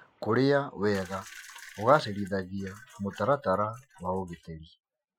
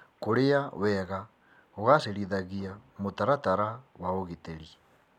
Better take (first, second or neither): second